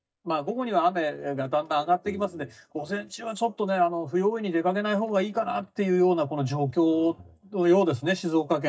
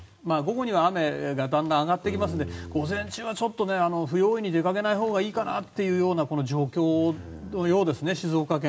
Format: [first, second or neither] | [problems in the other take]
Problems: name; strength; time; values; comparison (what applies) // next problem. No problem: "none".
second | noise reduction (neural mask model DeepFilterNet 3)